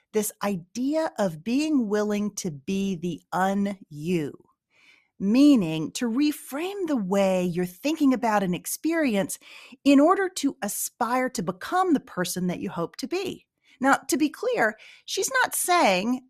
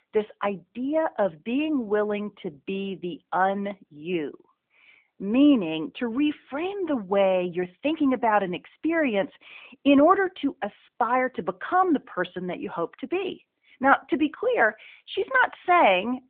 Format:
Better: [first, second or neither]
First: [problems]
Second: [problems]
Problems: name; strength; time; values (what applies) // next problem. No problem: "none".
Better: first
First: none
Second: phone-call audio